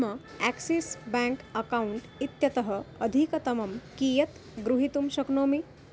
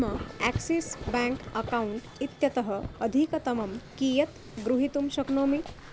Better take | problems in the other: first | background sound (Dog); 13 dB below the speech

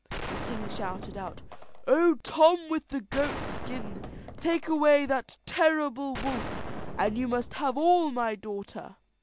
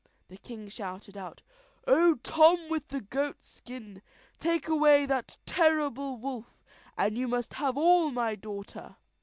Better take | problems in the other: second | background sound (Gunshot, gunfire); 10 dB below the speech

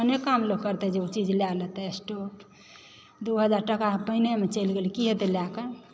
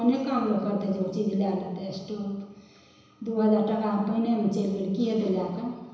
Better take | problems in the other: first | room echo; dies away in 1 s

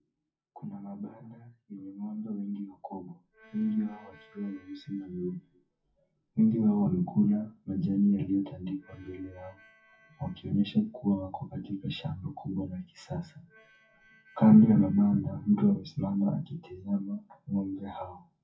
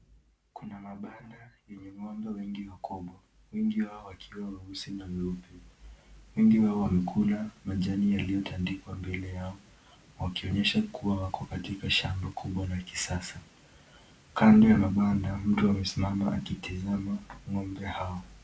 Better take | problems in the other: second | noise reduction (classical method WPE with log-MMSE)

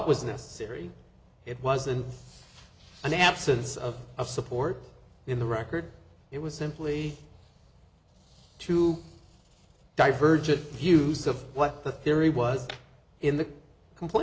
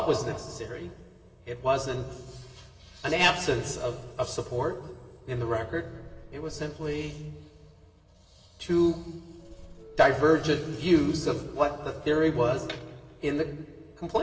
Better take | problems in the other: first | background sound (Subway, metro, underground / Doorbell); 19 dB below the speech // room echo; dies away in 2.1 s

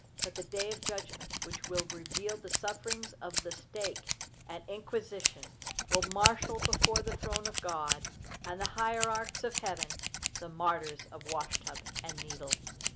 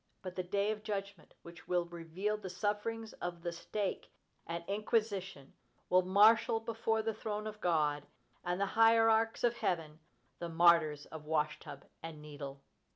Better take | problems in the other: second | background sound (Scissors); 1 dB above the speech

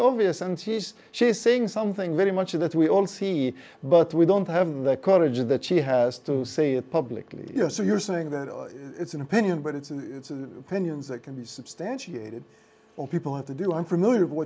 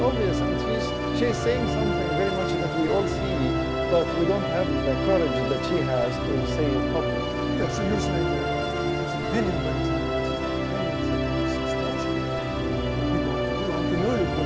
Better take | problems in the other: first | background sound (Musical instrument); 4 dB above the speech

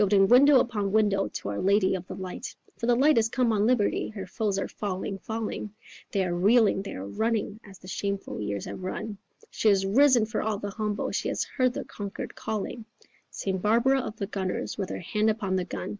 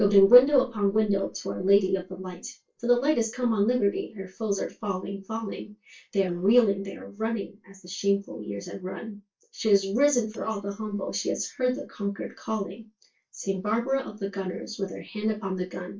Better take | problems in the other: first | noise reduction (neural mask model DeepFilterNet 3)

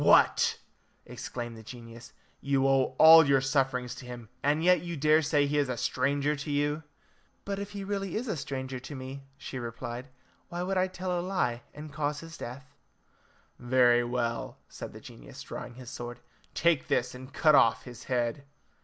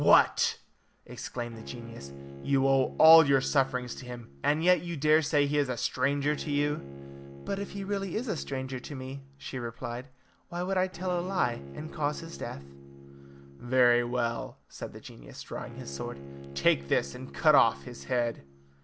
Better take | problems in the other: first | background sound (Bowed string instrument); 17 dB below the speech

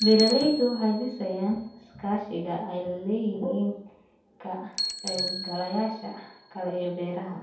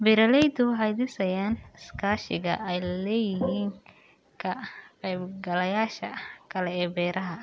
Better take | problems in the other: second | background sound (Bicycle); 8 dB below the speech // room echo; dies away in 0.7 s

